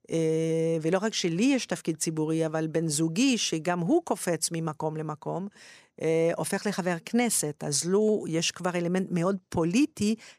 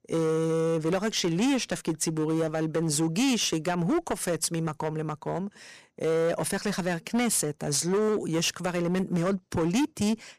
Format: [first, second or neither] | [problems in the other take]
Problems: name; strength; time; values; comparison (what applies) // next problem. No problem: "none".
first | distortion; slight; 14% of the sound clipped